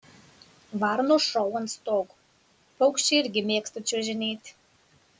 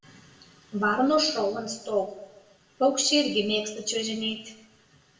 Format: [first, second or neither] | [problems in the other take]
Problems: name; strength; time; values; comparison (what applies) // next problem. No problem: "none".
first | room echo; dies away in 0.6 s